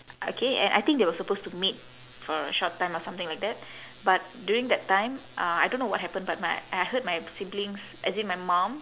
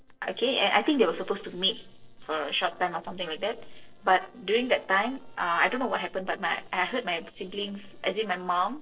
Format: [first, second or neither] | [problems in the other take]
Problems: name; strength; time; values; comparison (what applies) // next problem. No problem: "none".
first | noise reduction (neural separator model SepFormer DNS4)